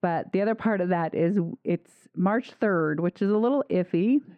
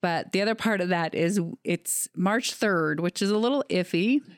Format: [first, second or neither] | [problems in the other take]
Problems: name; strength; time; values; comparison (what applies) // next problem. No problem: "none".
second | muffled; very; fading above 4 kHz